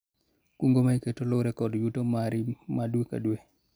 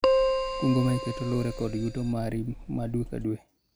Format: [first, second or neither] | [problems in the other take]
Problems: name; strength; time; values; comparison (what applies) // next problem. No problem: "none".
first | background sound (Keyboard (musical)); as loud as the speech